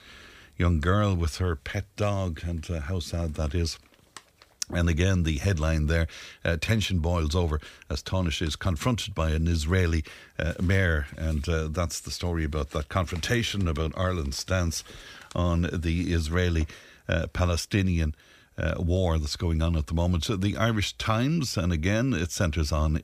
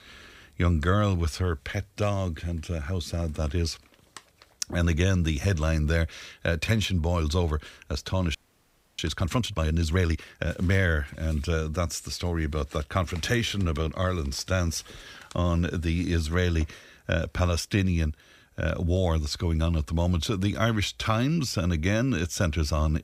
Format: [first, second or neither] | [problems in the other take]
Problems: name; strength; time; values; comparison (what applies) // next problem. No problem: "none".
first | audio freezing; at 8.5 s for 0.5 s